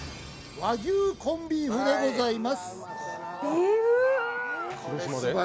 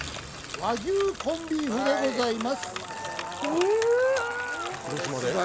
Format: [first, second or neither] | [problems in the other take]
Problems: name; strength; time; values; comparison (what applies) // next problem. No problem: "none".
first | background sound (Bicycle); 11 dB below the speech